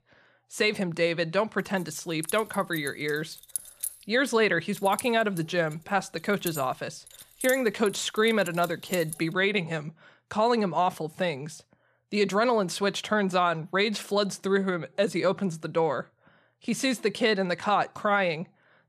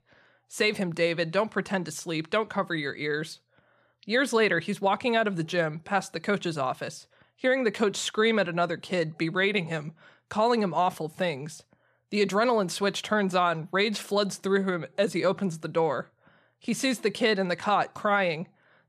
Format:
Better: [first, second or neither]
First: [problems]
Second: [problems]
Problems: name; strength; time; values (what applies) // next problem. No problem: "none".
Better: second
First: jangling keys; noticeable; from 2 to 9 s; peak 5 dB below the speech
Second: none